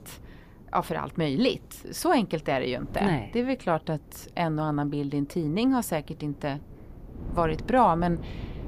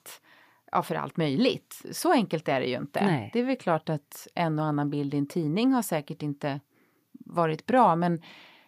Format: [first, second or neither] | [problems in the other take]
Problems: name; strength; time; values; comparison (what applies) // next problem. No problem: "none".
second | wind noise on the microphone; occasional gusts; 25 dB below the speech